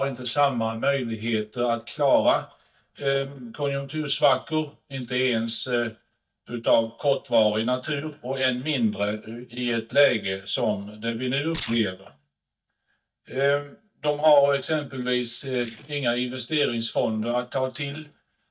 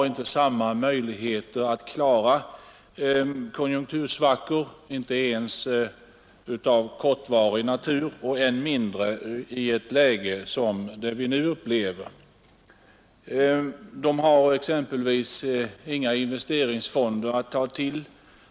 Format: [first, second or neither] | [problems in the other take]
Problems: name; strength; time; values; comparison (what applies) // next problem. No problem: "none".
second | noise reduction (neural mask model DeepFilterNet 3)